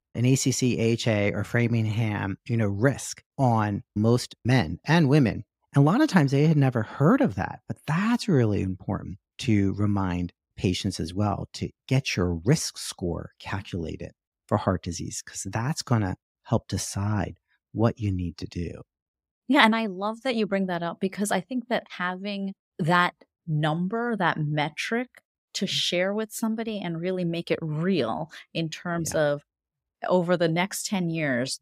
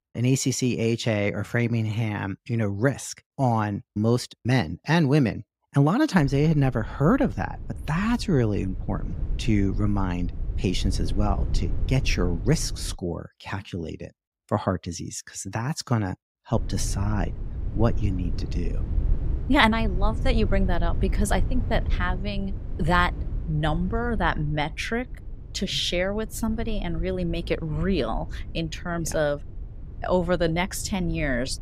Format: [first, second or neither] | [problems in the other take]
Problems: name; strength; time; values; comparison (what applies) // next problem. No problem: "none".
first | low rumble; noticeable; from 6 to 13 s and from 17 s on; 20 dB below the speech